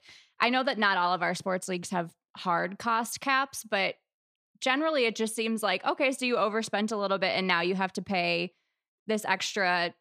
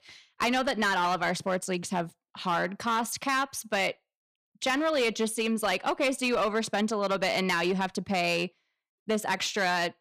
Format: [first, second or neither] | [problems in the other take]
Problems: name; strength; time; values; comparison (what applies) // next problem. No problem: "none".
first | distortion; slight; 8% of the sound clipped